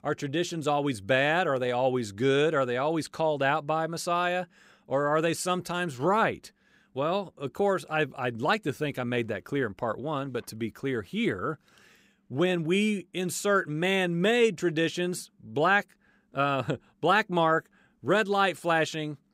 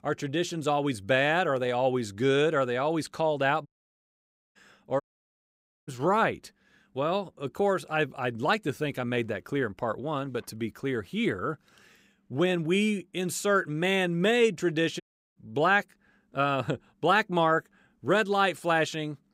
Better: first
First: none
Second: audio cutting out; at 3.5 s for 1 s, at 5 s for 1 s and at 15 s

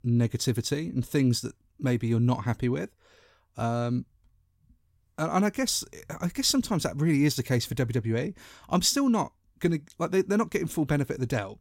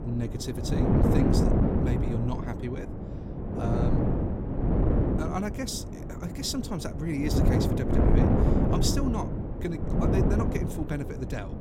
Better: first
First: none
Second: wind noise on the microphone; heavy; 3 dB above the speech

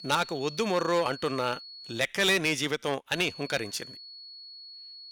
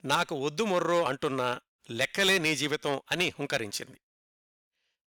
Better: second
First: high-pitched whine; noticeable; until 2 s and from 3 s on; 4.5 kHz, 15 dB below the speech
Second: none

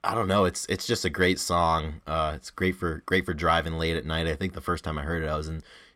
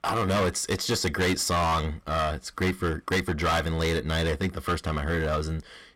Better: first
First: none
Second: distortion; heavy; 14% of the sound clipped

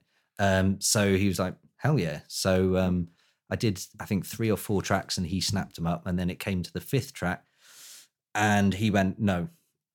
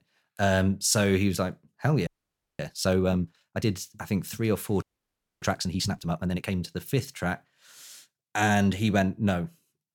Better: first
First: none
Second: audio freezing; at 2 s for 0.5 s and at 5 s for 0.5 s

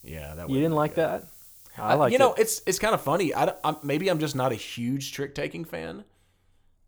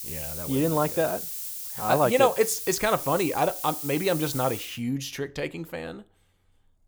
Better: first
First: hiss; faint; until 4.5 s; 20 dB below the speech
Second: hiss; loud; until 4.5 s; 6 dB below the speech

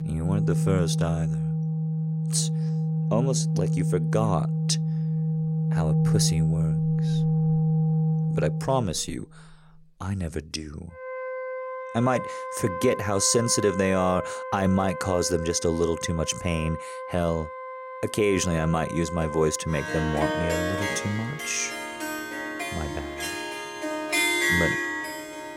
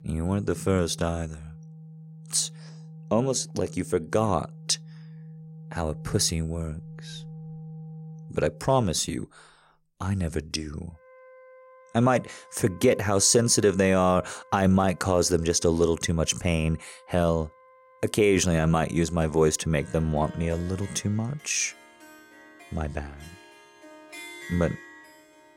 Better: second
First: background music; loud; throughout; 1 dB below the speech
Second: background music; faint; throughout; 20 dB below the speech

